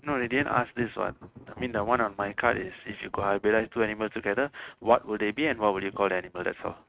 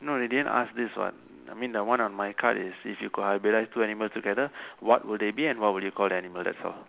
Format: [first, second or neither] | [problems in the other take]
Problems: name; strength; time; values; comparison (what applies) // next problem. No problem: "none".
second | noise reduction (neural mask model RNNoise)